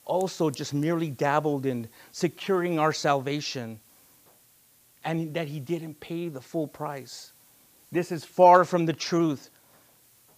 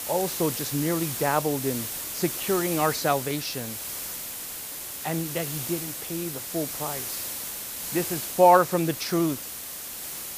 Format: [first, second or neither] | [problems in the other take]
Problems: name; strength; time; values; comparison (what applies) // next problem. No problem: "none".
first | hiss; loud; throughout; 5 dB below the speech; faint in the first